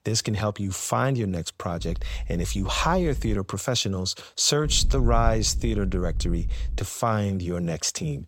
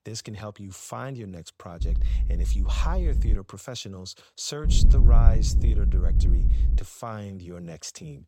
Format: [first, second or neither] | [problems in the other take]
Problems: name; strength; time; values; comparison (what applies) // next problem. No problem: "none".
first | low rumble; loud; from 2 to 3.5 s and from 4.5 to 7 s; 6 dB below the speech; faint in the first